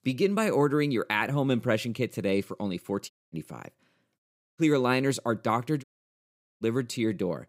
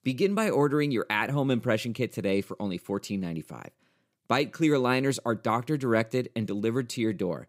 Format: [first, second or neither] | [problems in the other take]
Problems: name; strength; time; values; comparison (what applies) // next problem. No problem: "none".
second | audio cutting out; at 3 s, at 4 s and at 6 s for 1 s